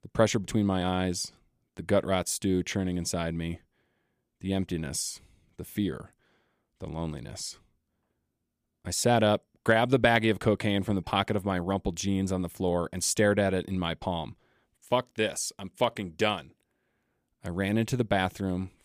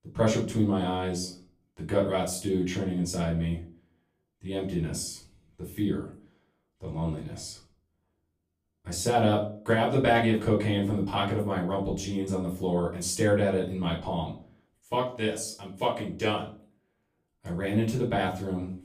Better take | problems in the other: first | off-mic speech; far // room echo; slight; dies away in 0.4 s

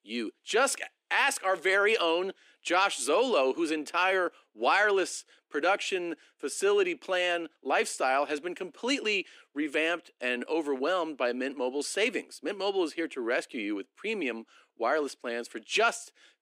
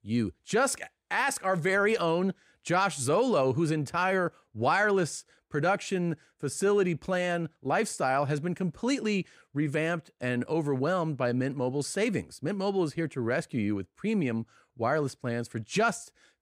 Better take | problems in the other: second | thin; somewhat; fading below 300 Hz

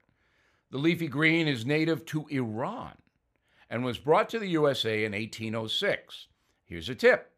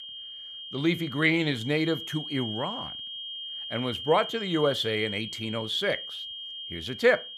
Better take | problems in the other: first | high-pitched whine; loud; throughout; 3 kHz, 8 dB below the speech

